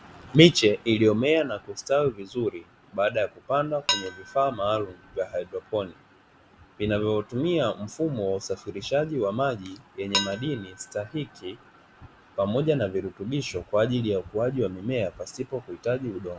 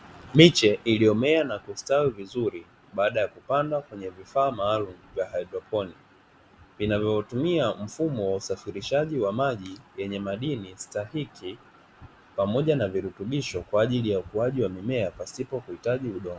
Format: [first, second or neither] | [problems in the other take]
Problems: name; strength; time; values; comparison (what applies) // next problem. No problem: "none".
second | background sound (Dishes, pots, and pans); 10 dB below the speech